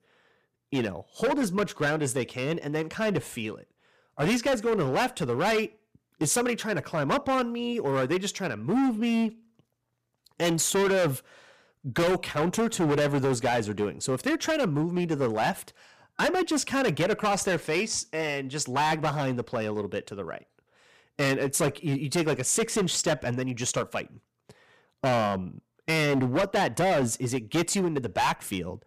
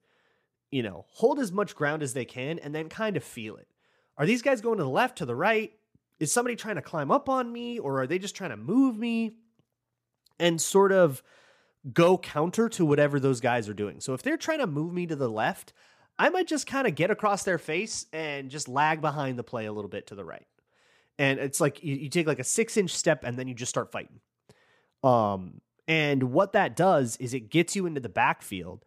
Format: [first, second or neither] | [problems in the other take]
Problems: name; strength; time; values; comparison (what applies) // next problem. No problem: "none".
second | distortion; heavy; 14% of the sound clipped